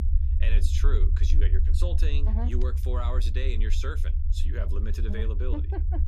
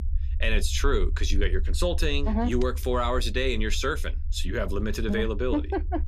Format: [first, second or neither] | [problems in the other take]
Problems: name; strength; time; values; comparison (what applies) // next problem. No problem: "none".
second | low rumble; loud; throughout; 7 dB below the speech; faint in the second